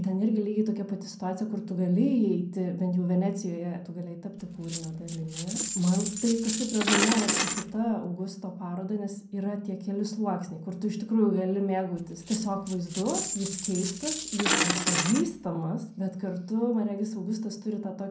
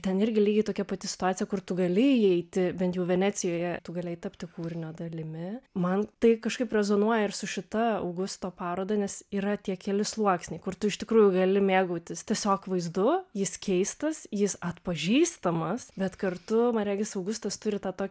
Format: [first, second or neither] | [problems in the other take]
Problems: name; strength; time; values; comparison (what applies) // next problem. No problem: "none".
second | background sound (Coin (dropping)); 2 dB below the speech // room echo; dies away in 0.5 s